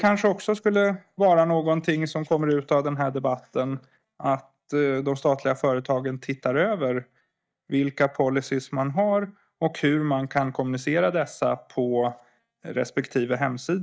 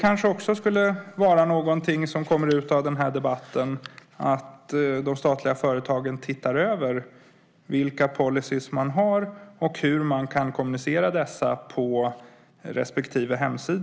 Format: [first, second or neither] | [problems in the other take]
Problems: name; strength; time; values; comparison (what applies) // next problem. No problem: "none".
second | noise reduction (neural mask model DeepFilterNet 3)